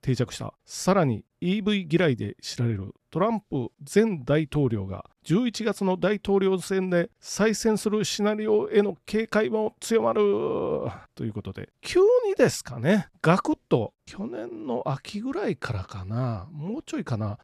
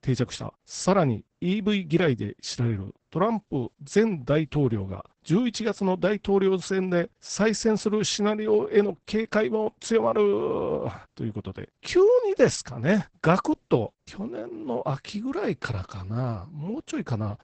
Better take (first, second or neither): first